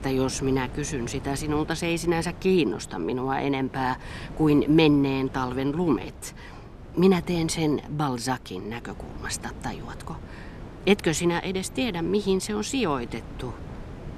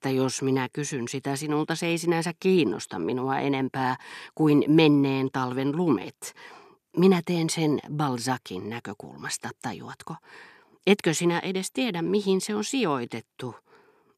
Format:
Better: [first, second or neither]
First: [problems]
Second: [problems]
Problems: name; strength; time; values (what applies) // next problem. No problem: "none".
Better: second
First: wind noise on the microphone; occasional gusts; 20 dB below the speech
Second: none